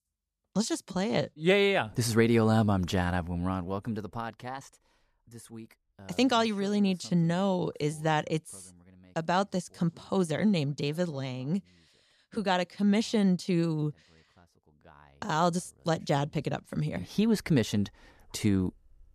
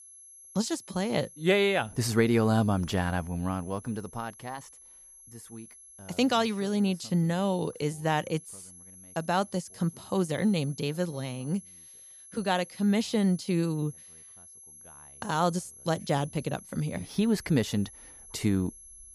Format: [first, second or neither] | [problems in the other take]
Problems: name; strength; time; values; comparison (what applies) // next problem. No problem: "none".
first | high-pitched whine; noticeable; throughout; 11 kHz, 20 dB below the speech